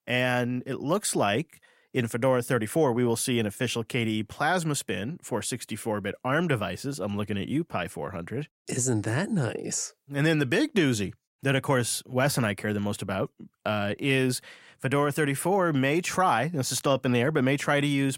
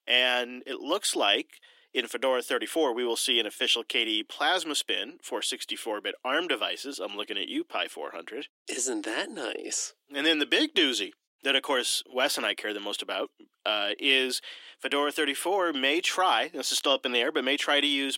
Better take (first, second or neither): first